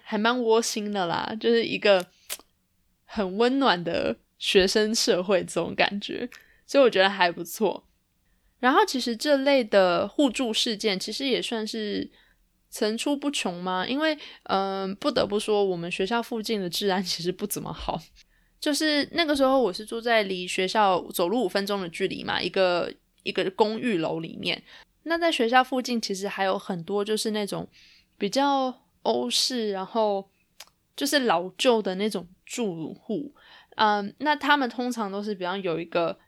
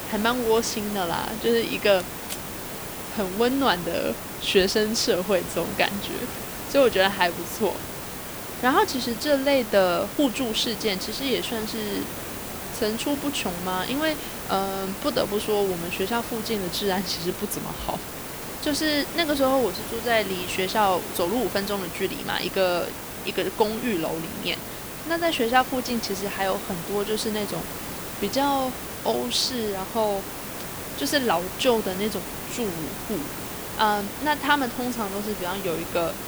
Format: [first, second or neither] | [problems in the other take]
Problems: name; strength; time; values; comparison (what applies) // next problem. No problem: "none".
first | hiss; loud; throughout; 7 dB below the speech